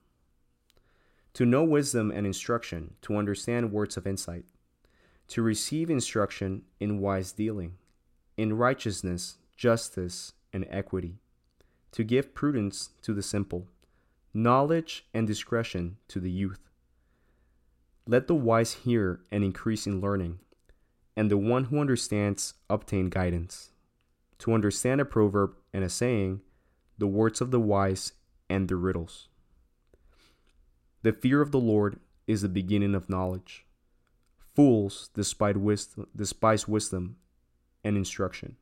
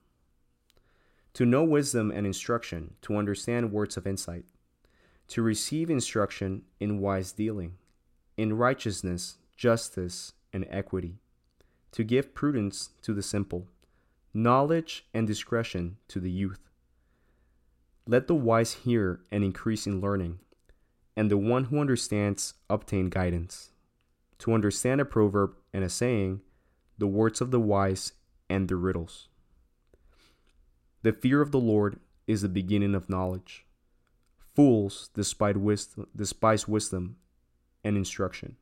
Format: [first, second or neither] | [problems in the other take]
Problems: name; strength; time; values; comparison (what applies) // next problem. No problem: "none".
neither | none